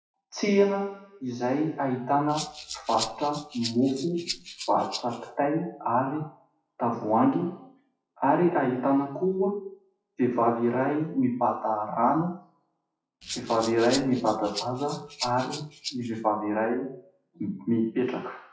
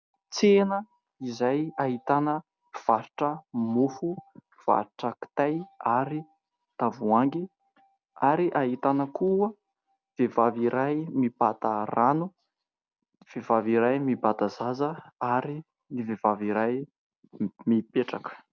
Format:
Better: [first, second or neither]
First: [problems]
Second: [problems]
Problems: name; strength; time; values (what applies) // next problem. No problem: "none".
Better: second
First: noise reduction (classical method WPE with log-MMSE)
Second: none